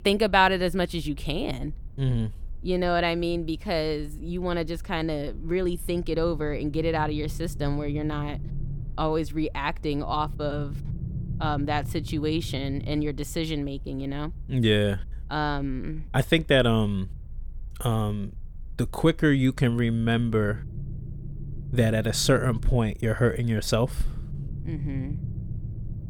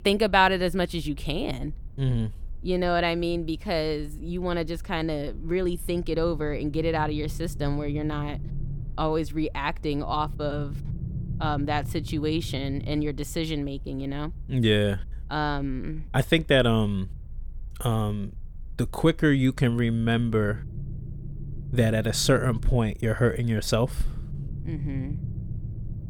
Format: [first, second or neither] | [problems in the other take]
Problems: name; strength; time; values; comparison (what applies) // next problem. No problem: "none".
neither | low rumble; faint; throughout; 25 dB below the speech; the same in both